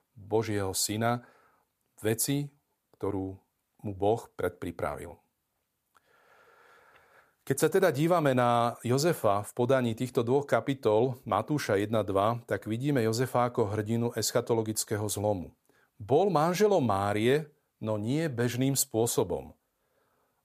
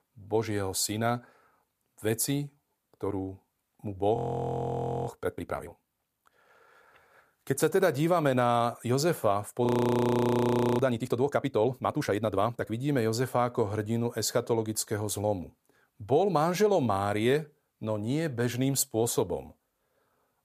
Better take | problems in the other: first | audio freezing; at 4 s for 1 s and at 9.5 s for 1 s

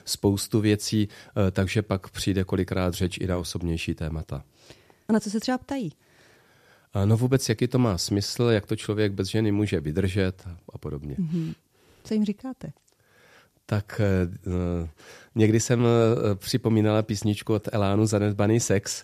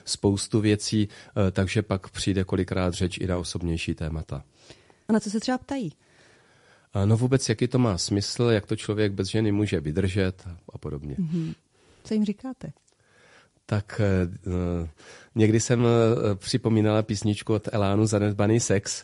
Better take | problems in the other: first | garbled, watery; slightly; nothing above 11 kHz

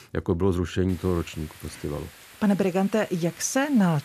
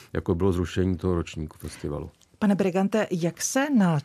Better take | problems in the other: second | hiss; faint; from 1 s on; 20 dB below the speech

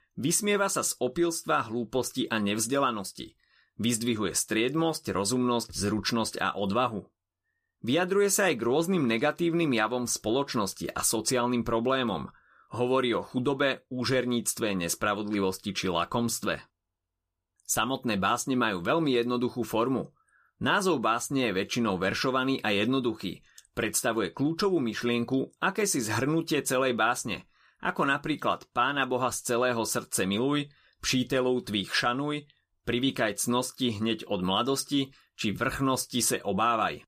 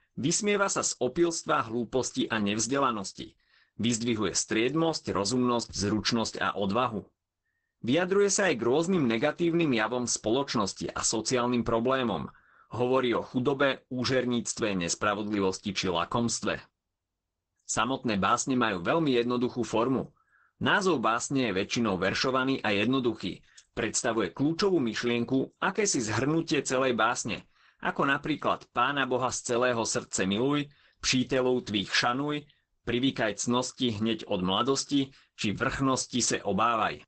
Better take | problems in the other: first | garbled, watery; badly; nothing above 8 kHz

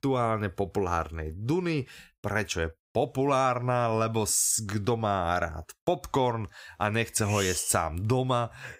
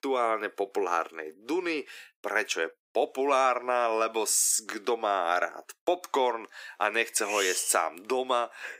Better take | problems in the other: first | thin; very; fading below 300 Hz

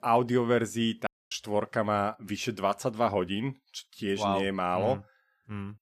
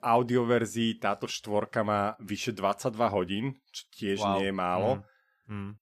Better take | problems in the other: second | audio cutting out; at 1 s

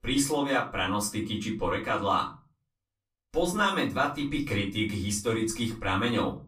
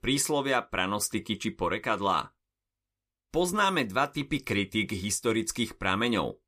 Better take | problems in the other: second | off-mic speech; far // room echo; very slight; dies away in 0.3 s

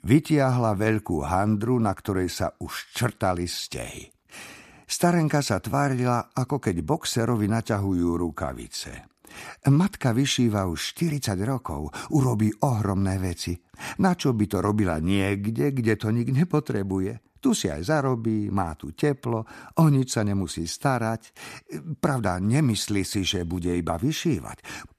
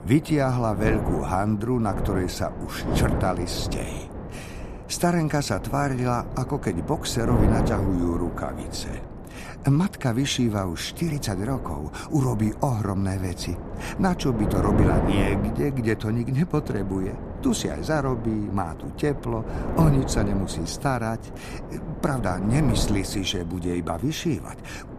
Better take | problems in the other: first | wind noise on the microphone; heavy; 7 dB below the speech

